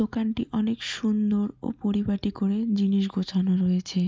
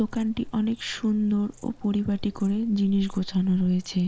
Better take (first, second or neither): first